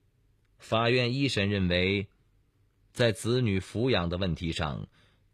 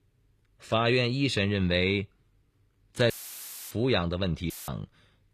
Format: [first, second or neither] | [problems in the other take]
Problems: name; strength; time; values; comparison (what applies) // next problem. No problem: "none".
first | audio cutting out; filled with static; at 3 s for 0.5 s and at 4.5 s